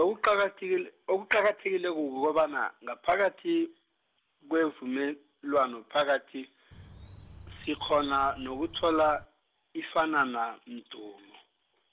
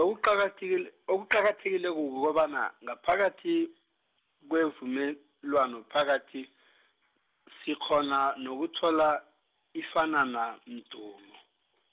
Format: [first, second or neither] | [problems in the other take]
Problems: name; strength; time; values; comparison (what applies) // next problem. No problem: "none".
second | background sound (Bird); 19 dB below the speech